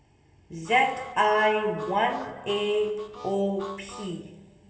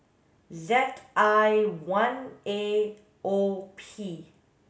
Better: second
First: background sound (Harmonica); 17 dB below the speech // room echo; dies away in 1.9 s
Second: none

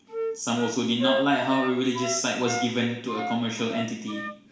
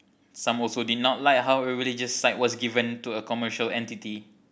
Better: second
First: background sound (Wind instrument, woodwind instrument); 7 dB below the speech // room echo; dies away in 0.7 s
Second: none

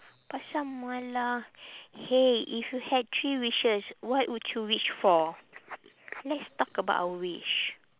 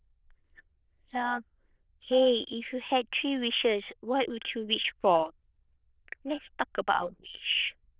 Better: first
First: none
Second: noise reduction (neural diffusion model UNIVERSE++)

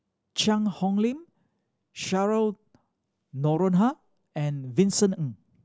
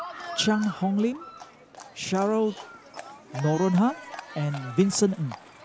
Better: first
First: none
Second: background sound (Livestock, farm animals, working animals); 14 dB below the speech

